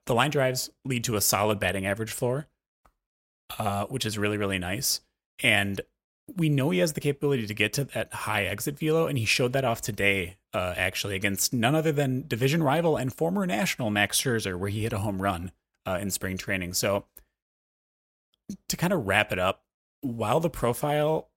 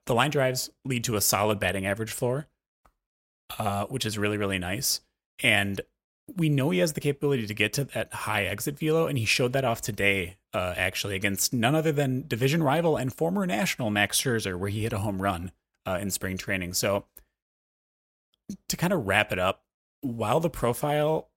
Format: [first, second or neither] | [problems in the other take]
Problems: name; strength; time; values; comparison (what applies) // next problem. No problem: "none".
neither | none